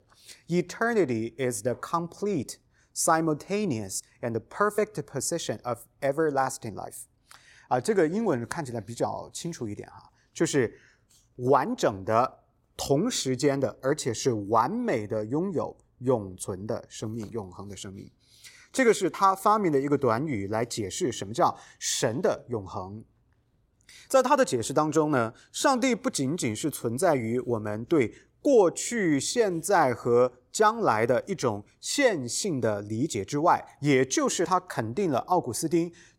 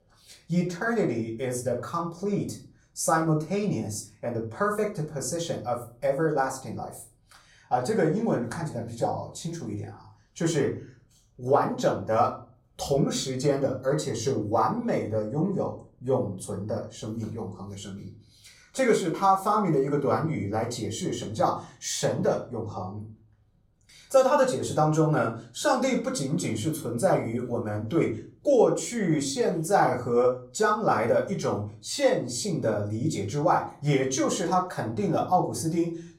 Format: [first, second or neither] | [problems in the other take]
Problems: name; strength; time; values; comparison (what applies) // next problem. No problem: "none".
first | off-mic speech; far // room echo; slight; dies away in 0.4 s